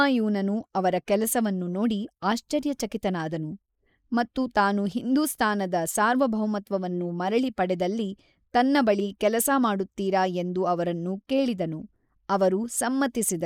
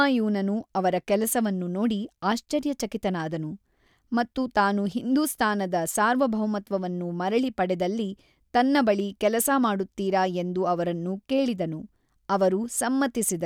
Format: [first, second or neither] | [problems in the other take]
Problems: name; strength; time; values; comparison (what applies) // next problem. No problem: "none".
second | noise reduction (neural mask model Resemble Enhance denoiser)